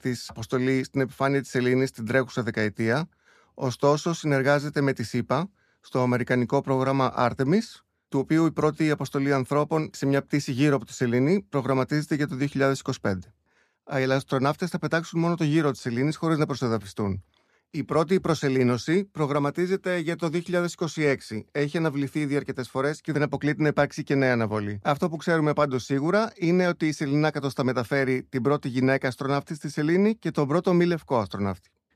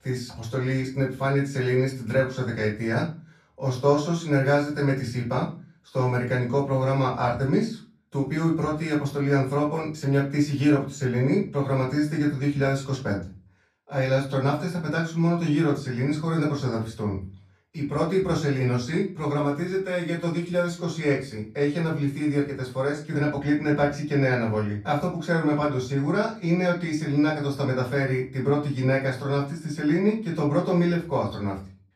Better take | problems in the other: first | room echo; slight; dies away in 0.3 s // off-mic speech; far

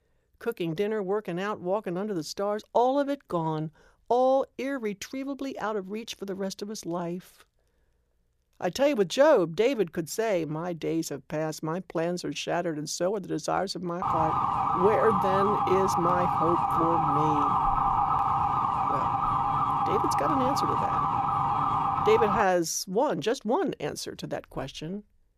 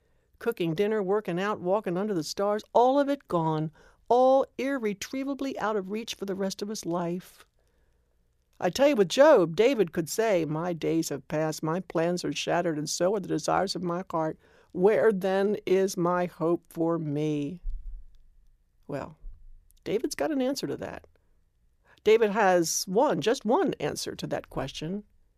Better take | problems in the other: second | siren; loud; from 14 to 22 s; peak 4 dB above the speech

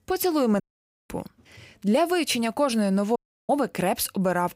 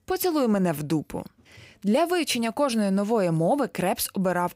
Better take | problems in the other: second | audio cutting out; at 0.5 s and at 3 s

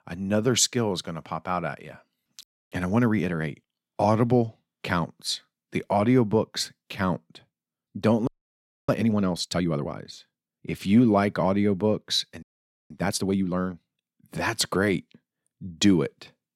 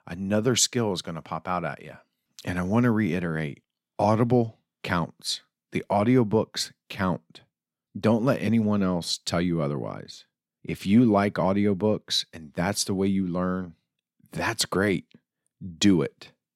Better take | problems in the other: second | audio freezing; at 2.5 s, at 8.5 s for 0.5 s and at 12 s

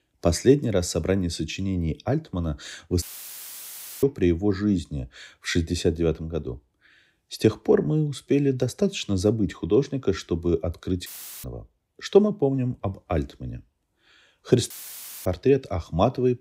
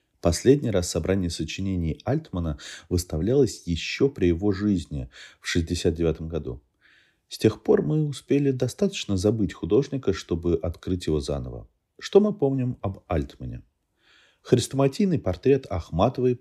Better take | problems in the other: second | audio cutting out; filled with static; at 3 s for 1 s, at 11 s and at 15 s for 0.5 s

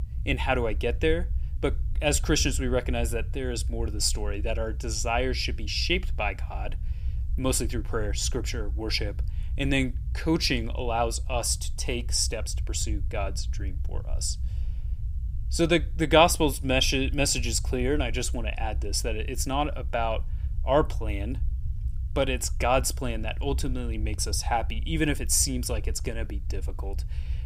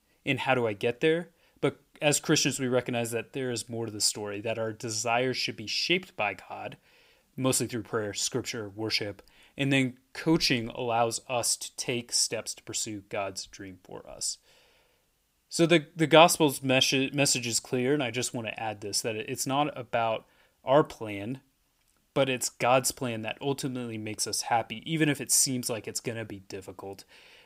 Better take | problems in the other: second | low rumble; faint; throughout; 25 dB below the speech

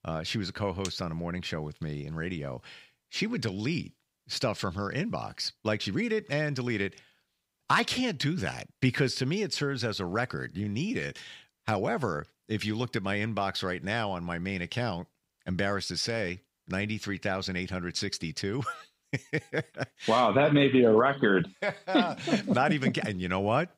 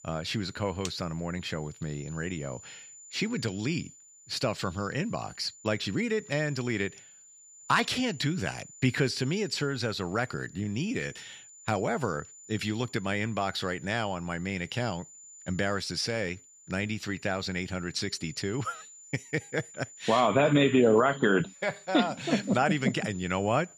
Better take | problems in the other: first | high-pitched whine; noticeable; throughout; 7 kHz, 20 dB below the speech

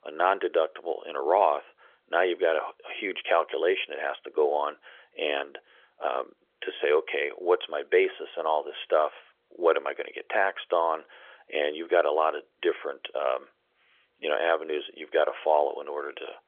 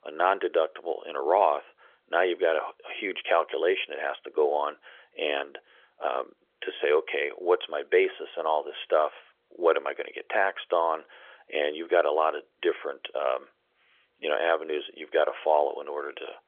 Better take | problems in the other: neither | phone-call audio; nothing above 3.5 kHz; the same in both

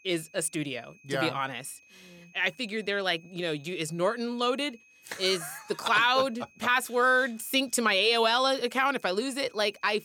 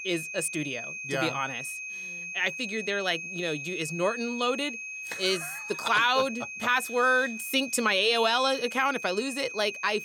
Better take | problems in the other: first | high-pitched whine; loud; throughout; 2.5 kHz, 8 dB below the speech; faint in the first

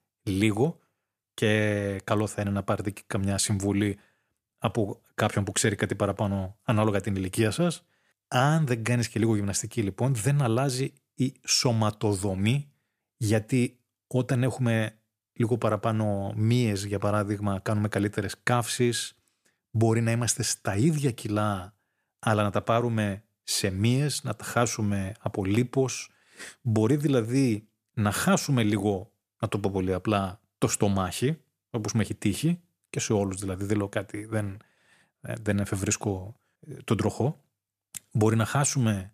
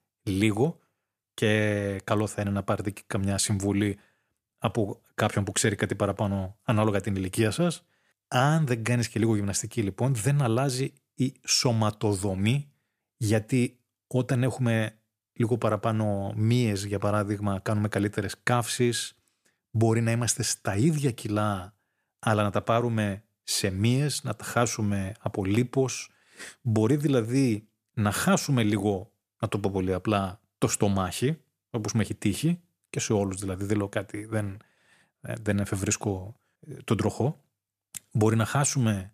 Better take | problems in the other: neither | none

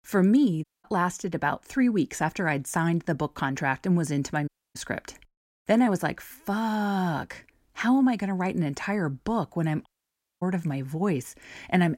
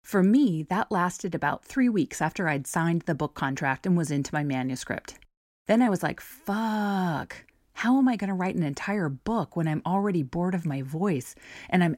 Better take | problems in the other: second | audio cutting out; at 0.5 s, at 4.5 s and at 10 s for 0.5 s

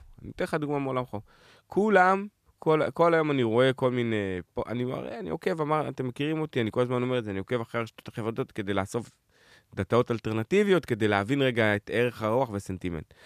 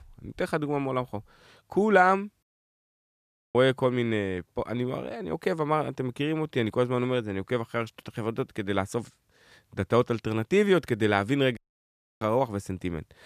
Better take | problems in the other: first | audio cutting out; at 2.5 s for 1 s and at 12 s for 0.5 s

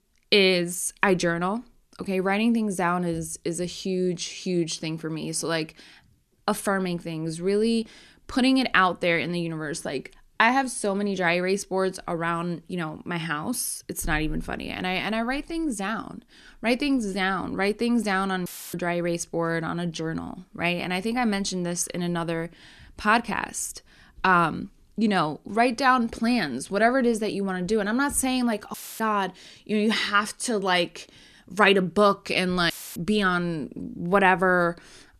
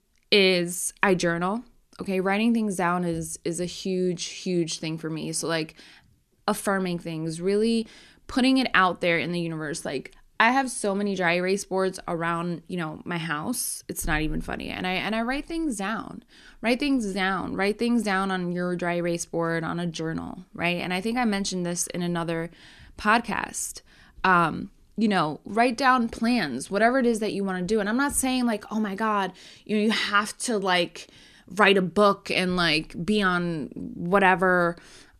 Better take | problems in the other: second | audio cutting out; filled with static; at 18 s, at 29 s and at 33 s

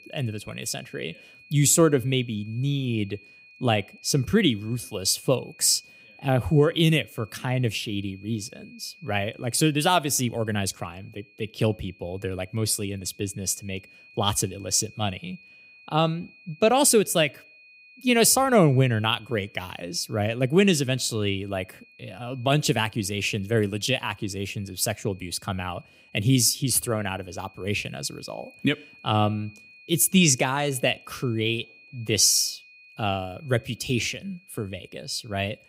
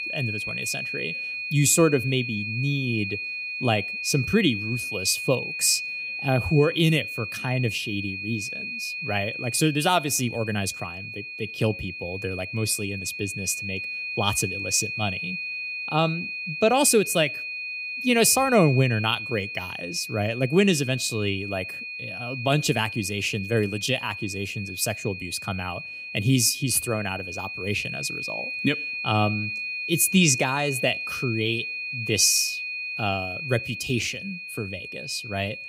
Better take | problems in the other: first | high-pitched whine; loud; throughout; 2.5 kHz, 6 dB below the speech; faint in the first

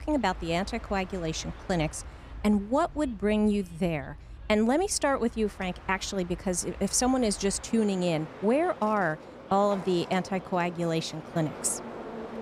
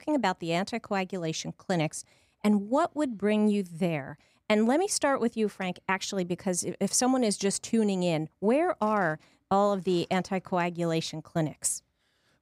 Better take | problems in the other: second | train or aircraft noise; noticeable; throughout; 15 dB below the speech

